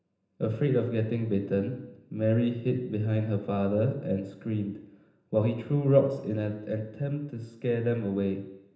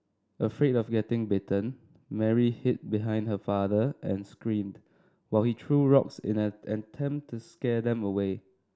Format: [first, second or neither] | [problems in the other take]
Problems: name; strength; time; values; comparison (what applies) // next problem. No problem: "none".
second | room echo; dies away in 0.9 s